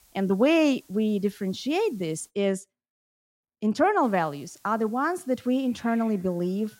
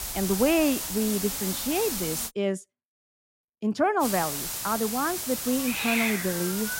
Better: first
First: hiss; faint; until 2.5 s and from 4 s on; 30 dB below the speech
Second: hiss; loud; until 2.5 s and from 4 s on; 2 dB below the speech

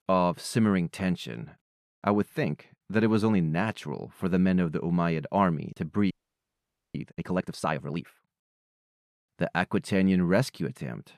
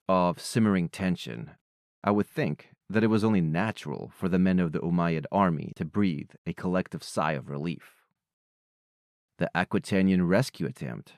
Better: second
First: audio freezing; at 6 s for 1 s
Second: none

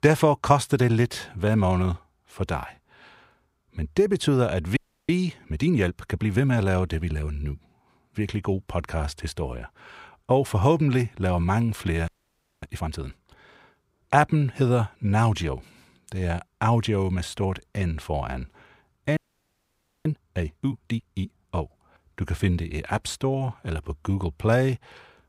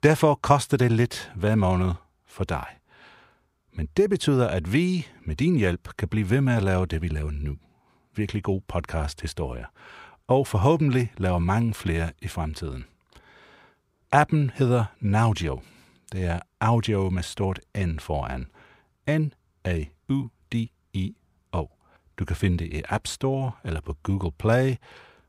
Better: second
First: audio freezing; at 5 s, at 12 s for 0.5 s and at 19 s for 1 s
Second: none

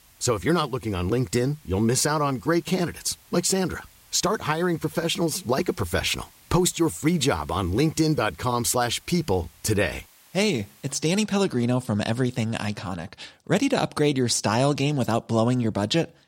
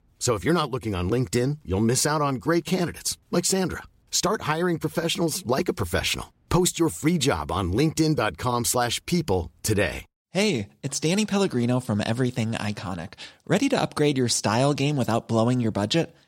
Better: second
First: hiss; faint; until 11 s; 30 dB below the speech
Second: none

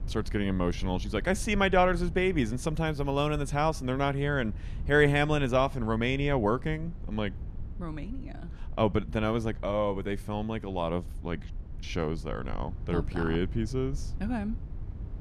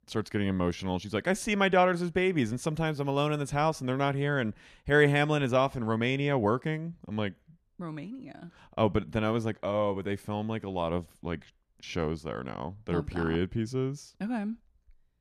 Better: second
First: low rumble; faint; throughout; 25 dB below the speech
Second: none

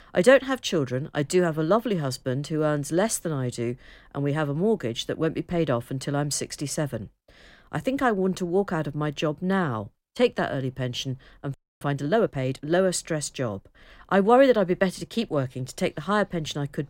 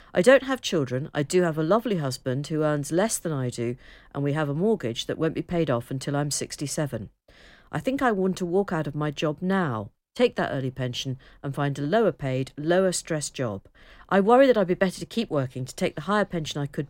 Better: second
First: audio freezing; at 12 s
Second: none

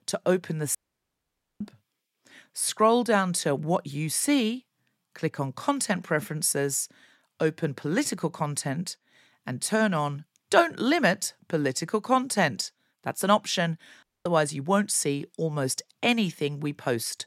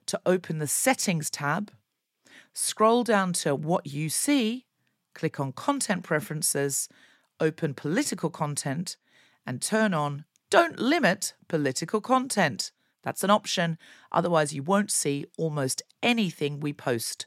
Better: second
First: audio cutting out; at 1 s for 1 s and at 14 s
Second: none

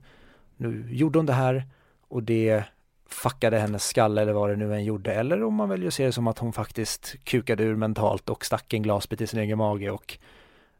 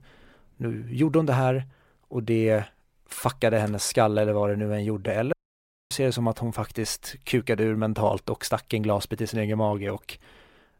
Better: first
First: none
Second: audio cutting out; at 5.5 s for 0.5 s

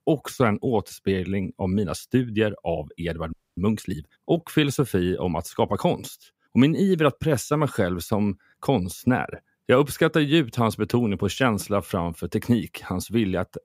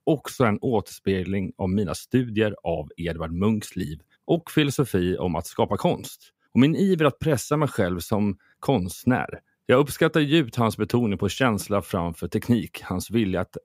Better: second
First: audio freezing; at 3.5 s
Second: none

